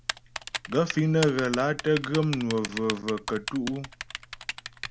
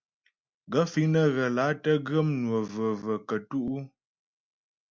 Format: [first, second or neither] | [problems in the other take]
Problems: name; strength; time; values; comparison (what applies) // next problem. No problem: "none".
second | background sound (Typing); 9 dB below the speech